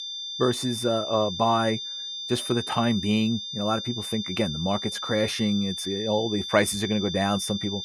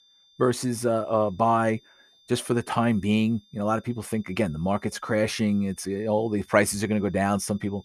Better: second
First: high-pitched whine; loud; throughout; 3.5 kHz, 5 dB below the speech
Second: high-pitched whine; faint; throughout; 3.5 kHz, 30 dB below the speech

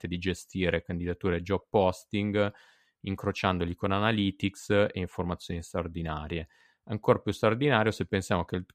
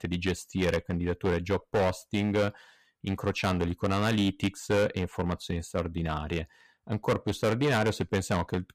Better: first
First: none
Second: distortion; heavy; 8% of the sound clipped

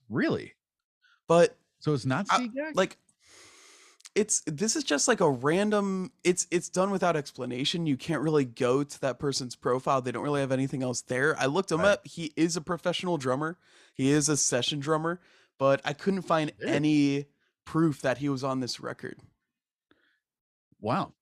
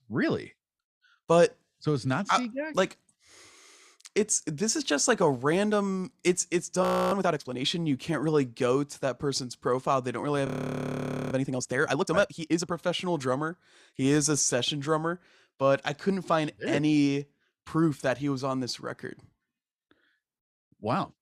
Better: first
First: none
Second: audio freezing; at 7 s and at 10 s for 1 s

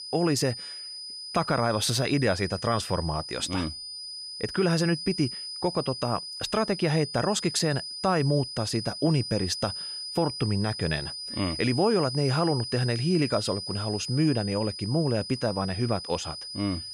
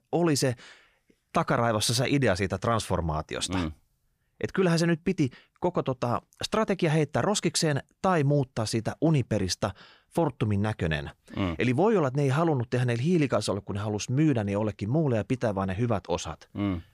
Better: second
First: high-pitched whine; loud; throughout; 5 kHz, 7 dB below the speech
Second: none

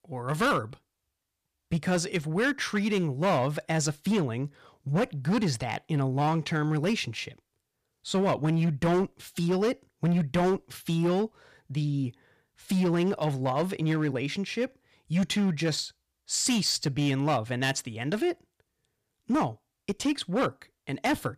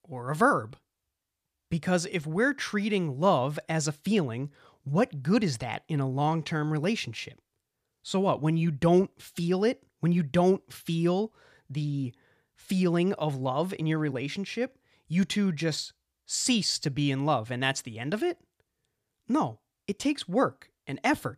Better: second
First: distortion; slight; 8% of the sound clipped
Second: none

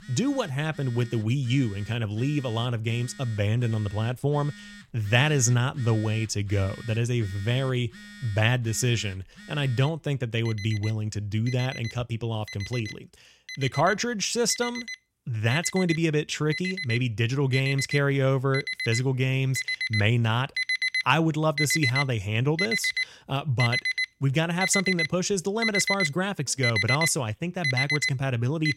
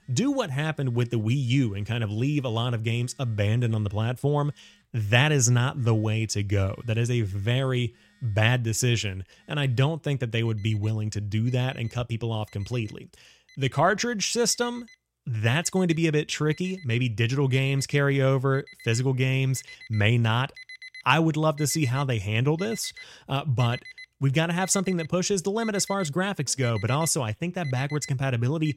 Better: second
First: alarms or sirens; loud; throughout; 3 dB below the speech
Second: alarms or sirens; faint; throughout; 20 dB below the speech

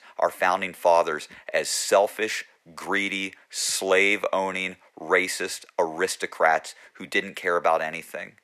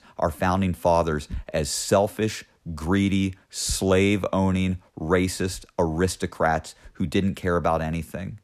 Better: second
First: thin; very; fading below 550 Hz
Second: none

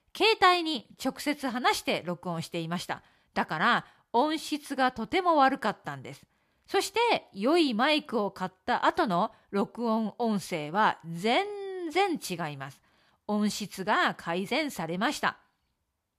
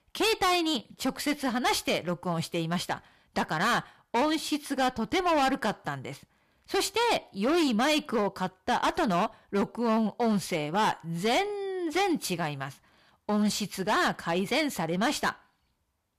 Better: first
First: none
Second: distortion; heavy; 11% of the sound clipped

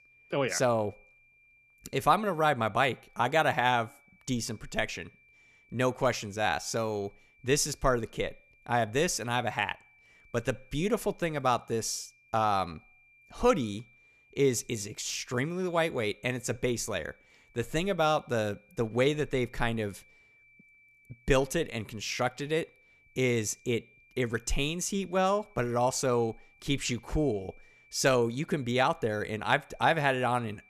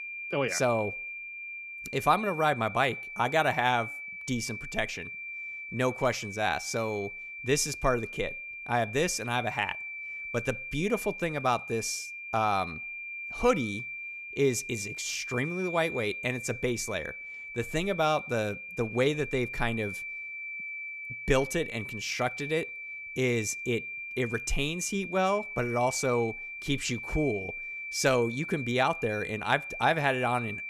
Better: first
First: high-pitched whine; faint; throughout; 2.5 kHz, 30 dB below the speech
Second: high-pitched whine; loud; throughout; 2.5 kHz, 7 dB below the speech

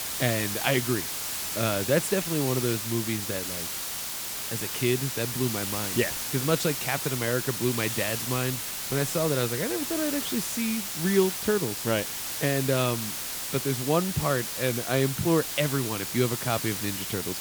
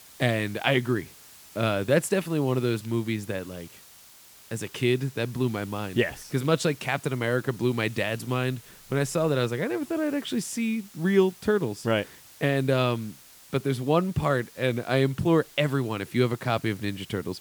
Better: second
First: hiss; loud; throughout; 2 dB below the speech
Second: hiss; faint; throughout; 20 dB below the speech

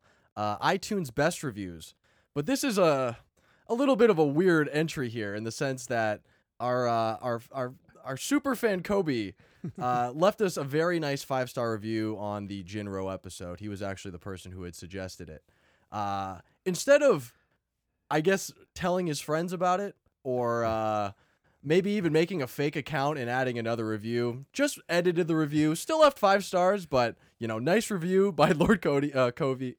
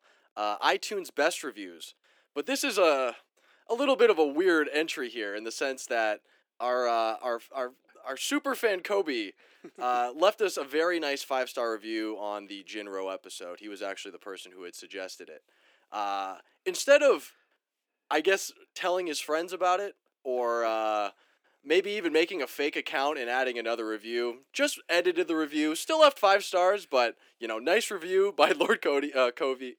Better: first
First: none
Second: thin; somewhat; fading below 300 Hz

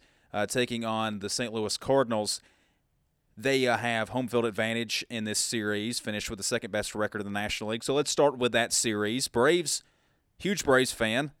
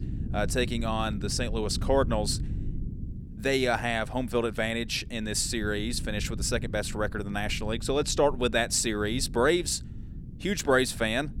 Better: first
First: none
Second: low rumble; faint; throughout; 20 dB below the speech

